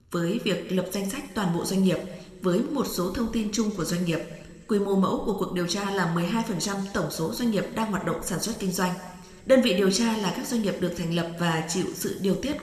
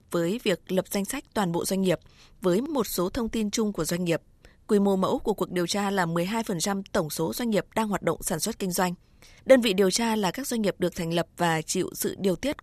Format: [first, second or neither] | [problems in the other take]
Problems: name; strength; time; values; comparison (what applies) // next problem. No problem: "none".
second | room echo; slight; dies away in 1.8 s